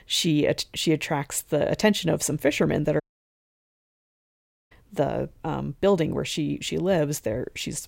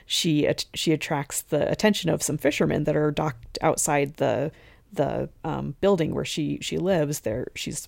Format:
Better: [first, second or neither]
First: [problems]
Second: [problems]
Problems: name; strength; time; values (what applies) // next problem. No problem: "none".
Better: second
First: audio cutting out; at 3 s for 1.5 s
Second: none